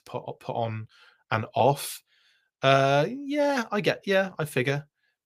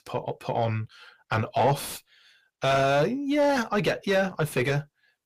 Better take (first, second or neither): first